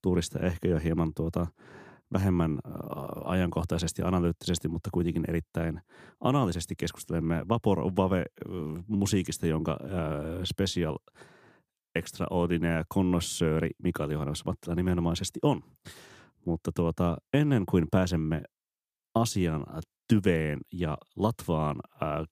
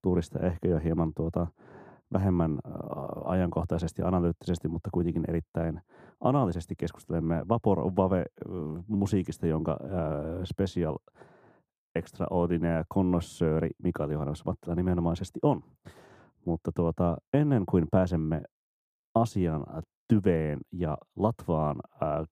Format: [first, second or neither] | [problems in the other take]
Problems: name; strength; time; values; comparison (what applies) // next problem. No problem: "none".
first | muffled; slightly; fading above 1.5 kHz